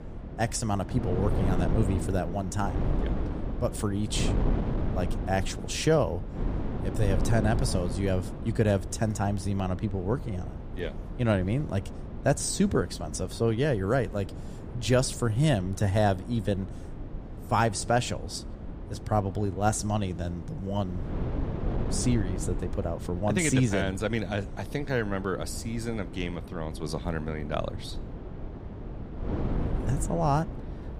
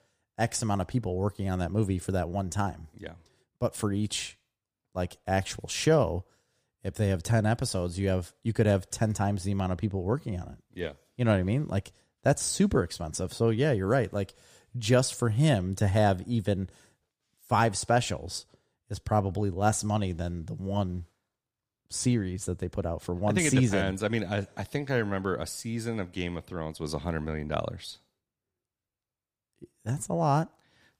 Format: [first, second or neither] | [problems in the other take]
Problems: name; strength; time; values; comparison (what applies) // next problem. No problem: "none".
second | wind noise on the microphone; occasional gusts; 10 dB below the speech